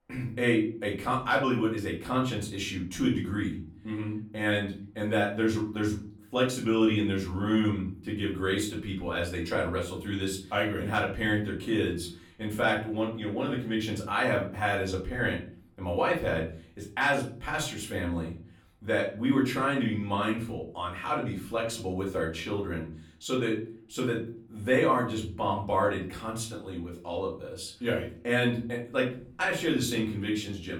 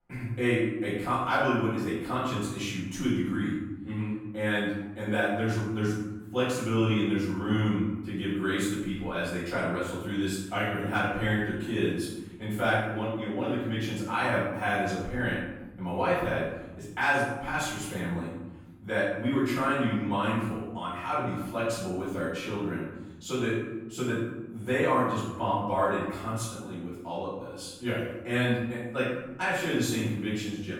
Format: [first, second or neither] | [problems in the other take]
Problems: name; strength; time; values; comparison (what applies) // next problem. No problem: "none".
first | room echo; strong; dies away in 1 s; slight in the first // off-mic speech; far; far in the first